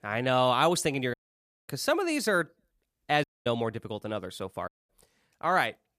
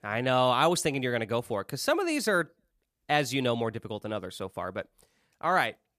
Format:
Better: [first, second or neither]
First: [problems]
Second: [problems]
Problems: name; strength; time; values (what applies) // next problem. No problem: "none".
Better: second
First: audio cutting out; at 1 s for 0.5 s, at 3 s and at 4.5 s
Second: none